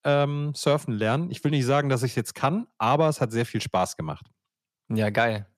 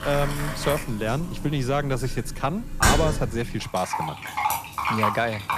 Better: first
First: none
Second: household noises; loud; throughout; 1 dB below the speech

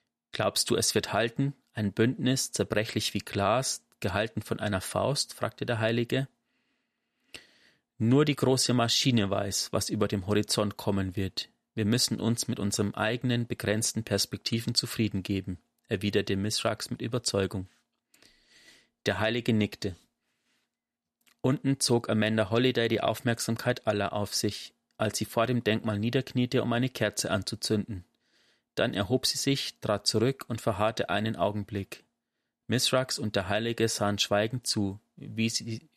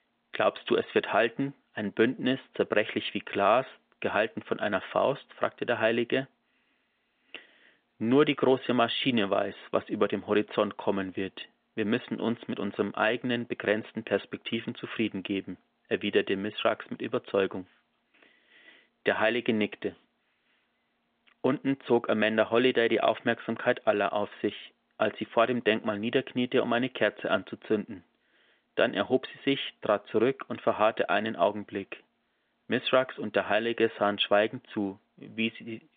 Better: first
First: none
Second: phone-call audio; nothing above 3.5 kHz

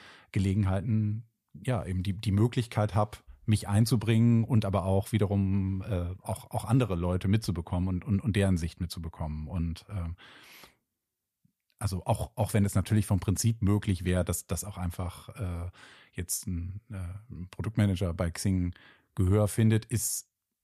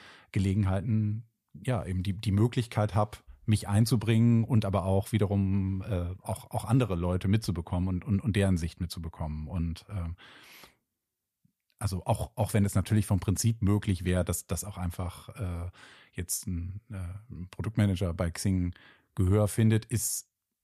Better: neither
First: none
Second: none

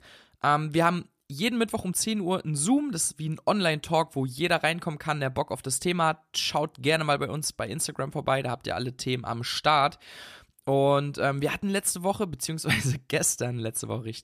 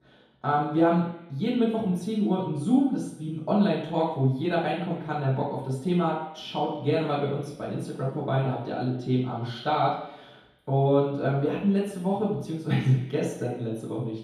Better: first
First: none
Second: room echo; noticeable; dies away in 1.9 s // off-mic speech; far

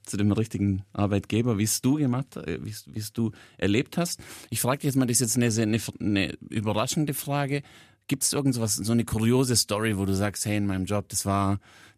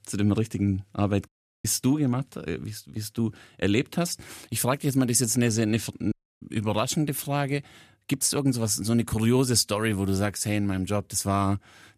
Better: first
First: none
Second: audio cutting out; at 1.5 s and at 6 s

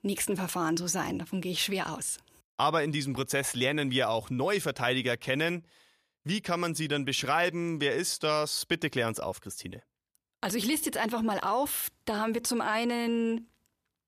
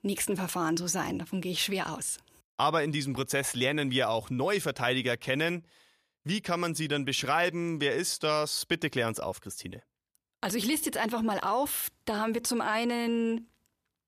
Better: neither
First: none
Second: none

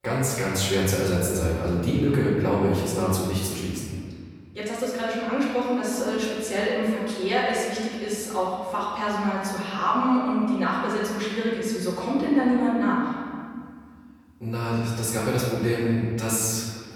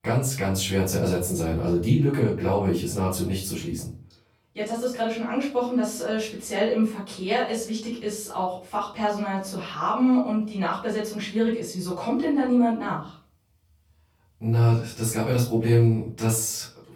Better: second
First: room echo; strong; dies away in 1.9 s // off-mic speech; far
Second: room echo; slight; dies away in 0.4 s // off-mic speech; far

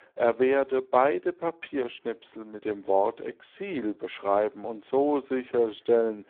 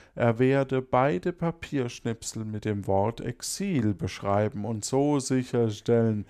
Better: second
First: phone-call audio; poor line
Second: none

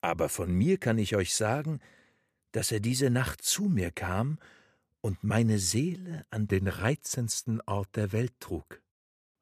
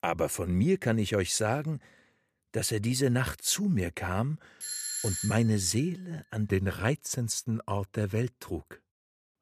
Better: first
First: none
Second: doorbell; noticeable; at 4.5 s; peak 2 dB below the speech

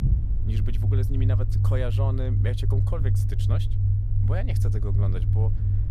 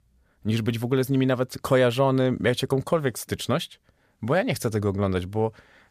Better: second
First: low rumble; loud; throughout; 1 dB below the speech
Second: none

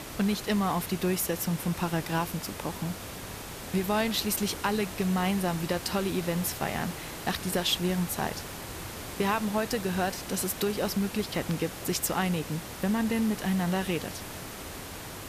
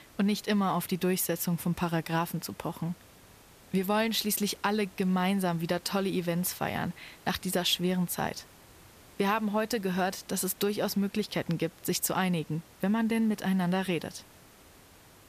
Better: second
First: hiss; loud; throughout; 9 dB below the speech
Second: hiss; faint; throughout; 25 dB below the speech

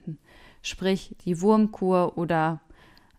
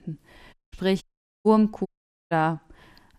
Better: first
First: none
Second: audio cutting out; at 0.5 s, at 1 s and at 2 s

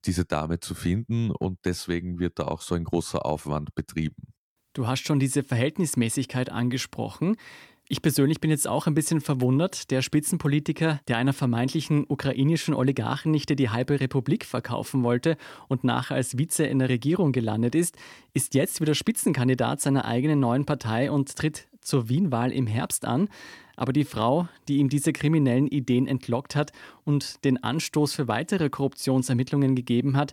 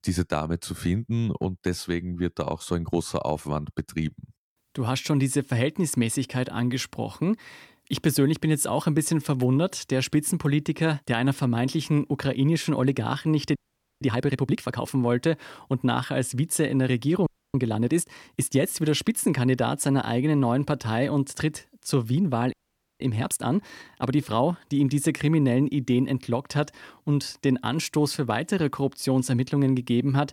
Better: first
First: none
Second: audio freezing; at 14 s, at 17 s and at 23 s

